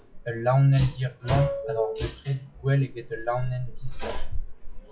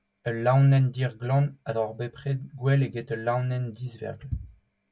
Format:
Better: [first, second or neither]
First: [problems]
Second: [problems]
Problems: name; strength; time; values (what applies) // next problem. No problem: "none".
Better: second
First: noise reduction (classical method log-MMSE)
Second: none